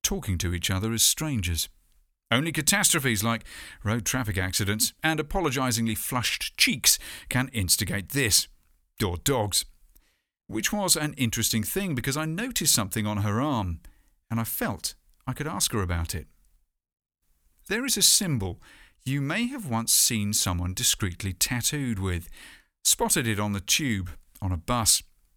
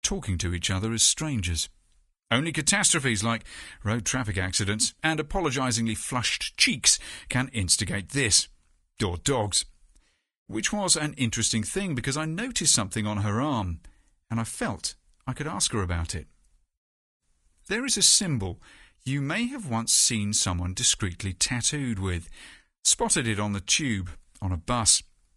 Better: first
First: none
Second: garbled, watery; slightly; nothing above 10.5 kHz

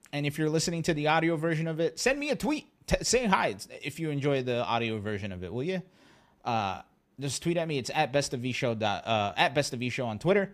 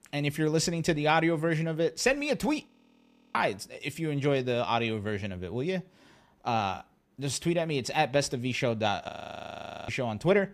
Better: first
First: none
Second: audio freezing; at 2.5 s for 0.5 s and at 9 s for 1 s

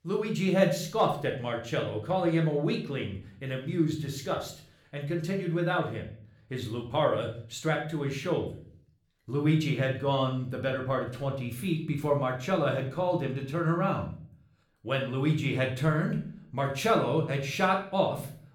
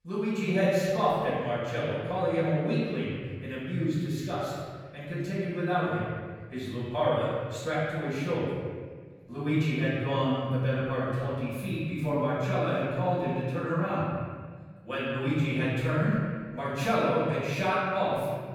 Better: first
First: room echo; slight; dies away in 0.5 s // off-mic speech; somewhat distant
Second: room echo; strong; dies away in 1.7 s // off-mic speech; far

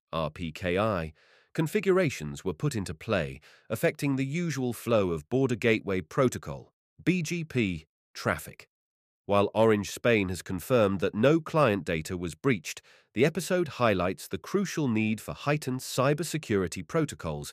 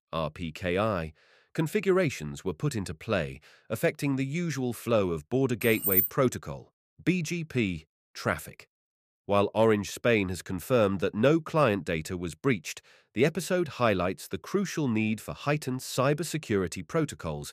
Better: first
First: none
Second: jangling keys; loud; at 5.5 s; peak 5 dB above the speech

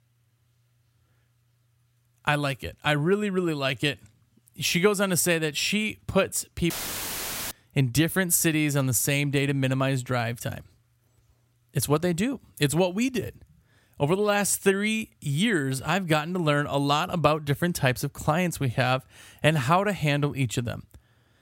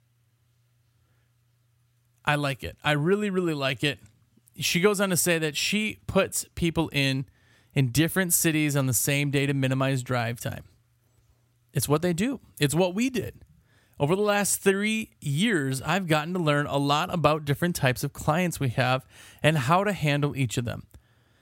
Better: second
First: audio cutting out; filled with static; at 6.5 s for 1 s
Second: none

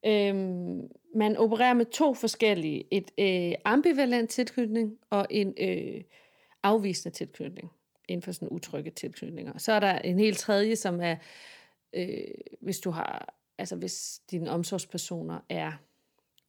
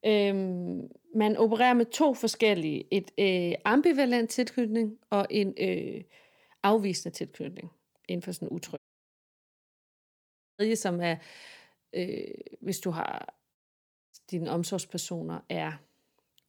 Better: first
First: none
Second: audio cutting out; at 9 s for 2 s and at 14 s for 0.5 s

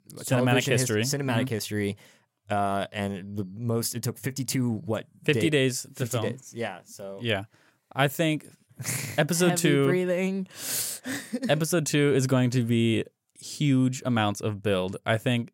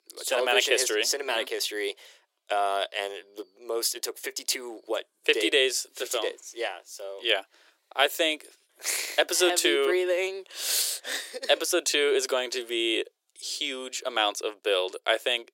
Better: first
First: none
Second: thin; very; fading below 350 Hz

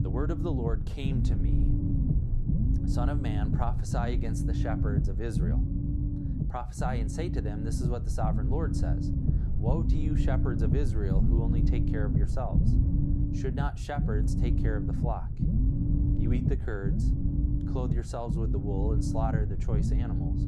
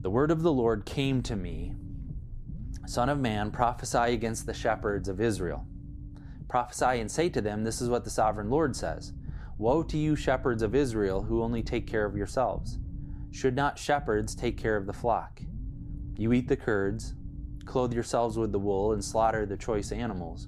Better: second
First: low rumble; loud; throughout; 2 dB below the speech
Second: low rumble; faint; throughout; 25 dB below the speech

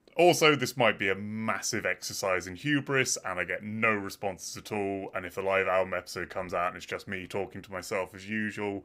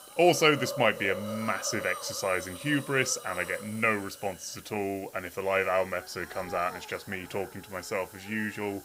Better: first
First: none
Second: hiss; noticeable; throughout; 15 dB below the speech

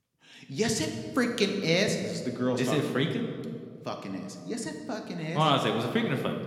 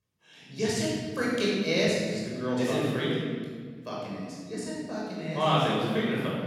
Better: first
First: room echo; slight; dies away in 1.6 s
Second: room echo; strong; dies away in 1.6 s // off-mic speech; far

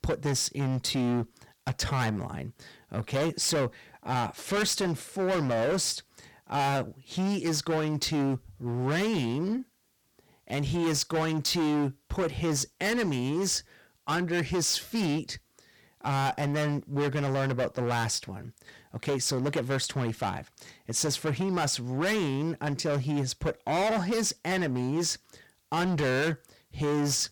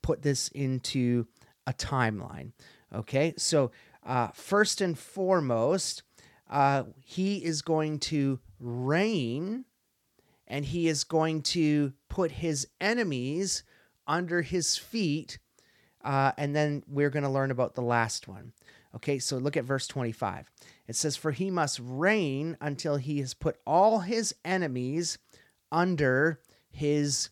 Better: second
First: distortion; heavy; 20% of the sound clipped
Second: none

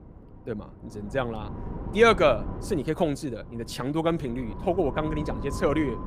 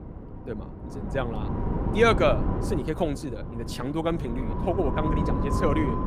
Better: first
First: wind noise on the microphone; occasional gusts; 15 dB below the speech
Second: wind noise on the microphone; heavy; 7 dB below the speech

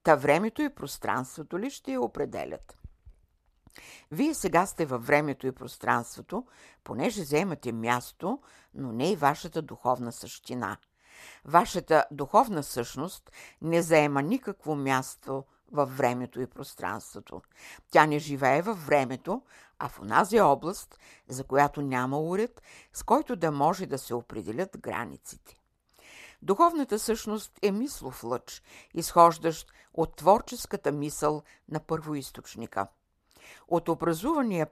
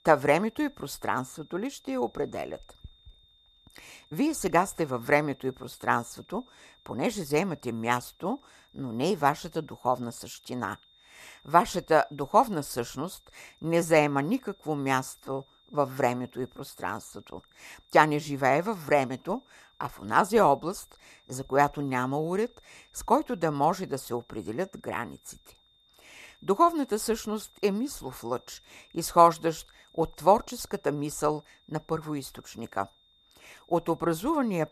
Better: first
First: none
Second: high-pitched whine; faint; throughout; 3.5 kHz, 30 dB below the speech

